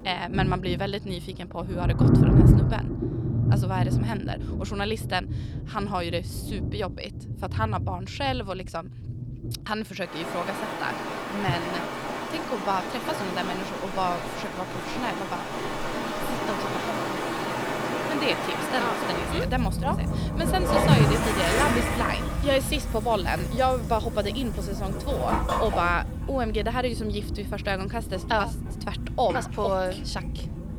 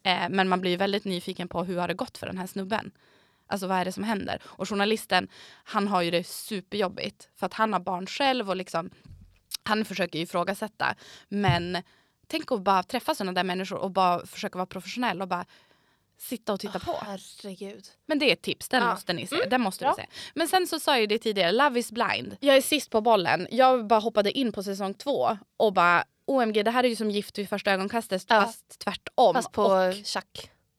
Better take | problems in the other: second | rain or running water; very loud; throughout; 2 dB above the speech

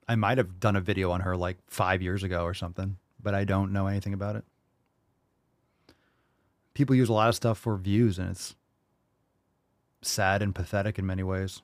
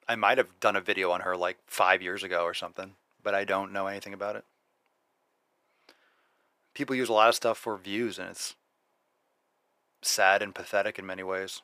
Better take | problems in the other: first | thin; very; fading below 550 Hz

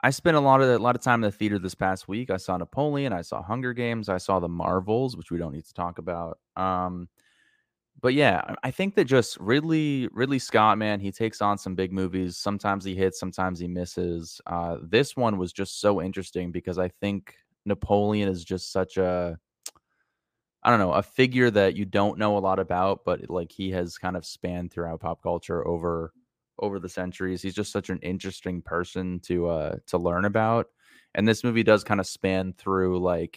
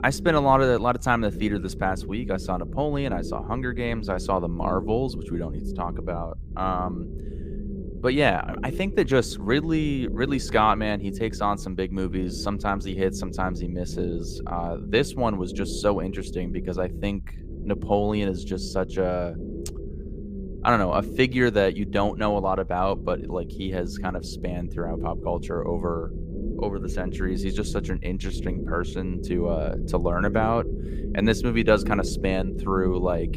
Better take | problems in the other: first | low rumble; noticeable; throughout; 15 dB below the speech

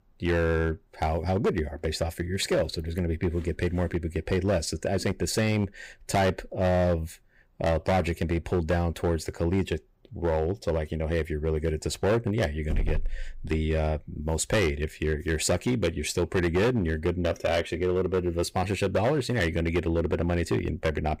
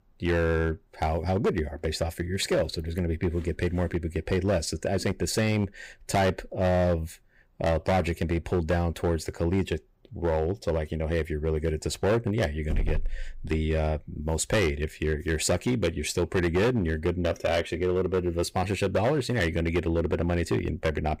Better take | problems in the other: neither | distortion; slight; 8% of the sound clipped; the same in both

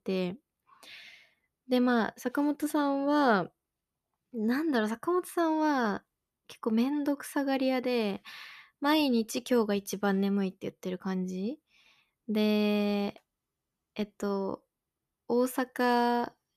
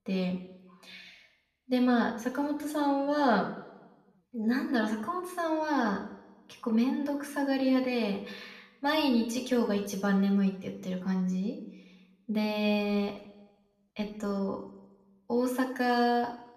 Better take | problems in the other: first | room echo; slight; dies away in 0.7 s // off-mic speech; somewhat distant

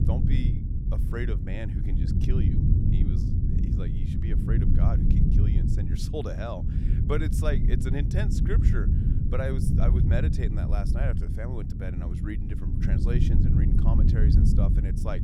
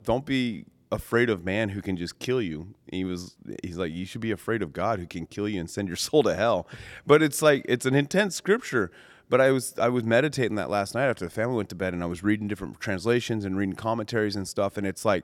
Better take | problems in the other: second | low rumble; loud; throughout; as loud as the speech

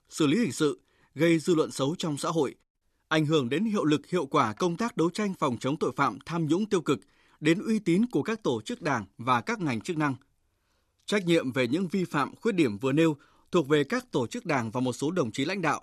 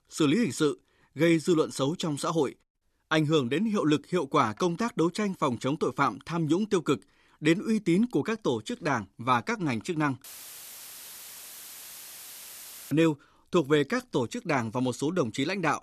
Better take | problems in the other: first | audio cutting out; filled with static; at 10 s for 2.5 s

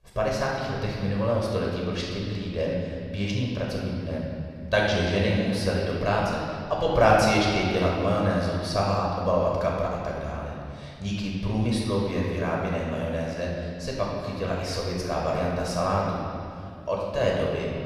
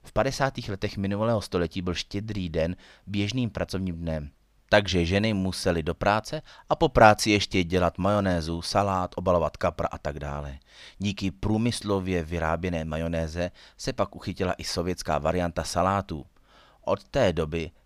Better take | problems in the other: second | room echo; noticeable; dies away in 2.3 s // off-mic speech; far

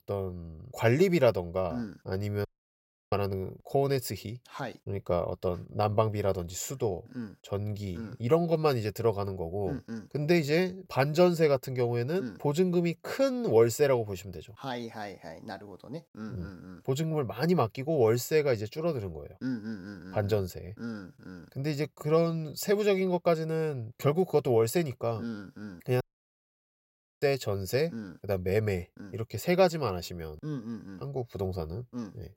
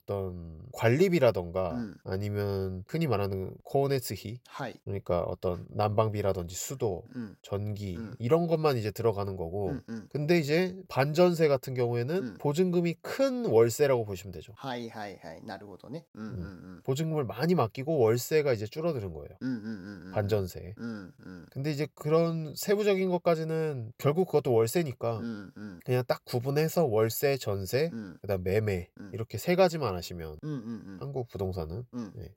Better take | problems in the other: second | audio cutting out; at 2.5 s for 0.5 s and at 26 s for 1 s

